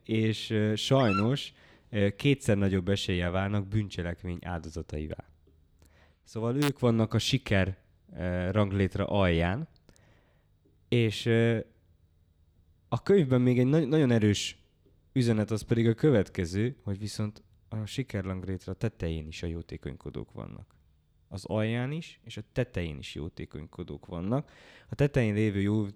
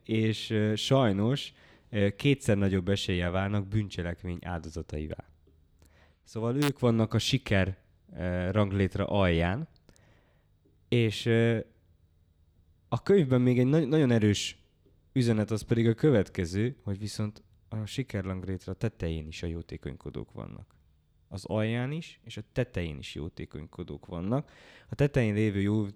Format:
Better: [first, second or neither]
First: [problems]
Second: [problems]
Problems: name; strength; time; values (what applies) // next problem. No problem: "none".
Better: second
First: dog barking; noticeable; at 1 s; peak 5 dB below the speech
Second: none